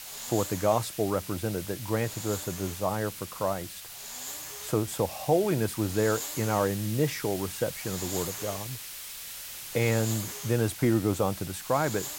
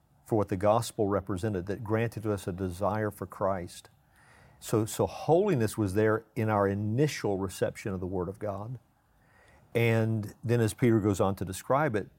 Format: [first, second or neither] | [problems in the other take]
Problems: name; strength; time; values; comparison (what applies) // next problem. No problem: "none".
second | hiss; loud; throughout; 8 dB below the speech